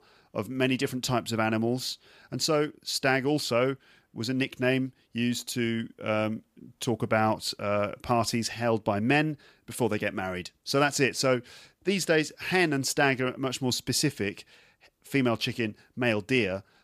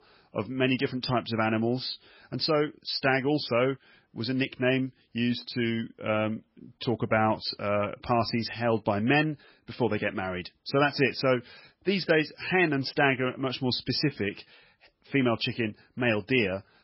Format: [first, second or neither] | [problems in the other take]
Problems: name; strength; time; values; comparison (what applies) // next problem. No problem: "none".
first | garbled, watery; badly; nothing above 5.5 kHz